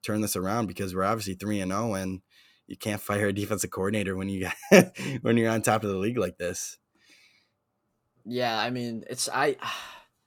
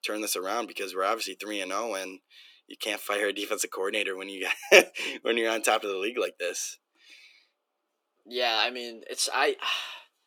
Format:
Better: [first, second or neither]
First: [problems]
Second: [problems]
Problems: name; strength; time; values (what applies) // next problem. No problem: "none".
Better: first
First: none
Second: thin; very; fading below 300 Hz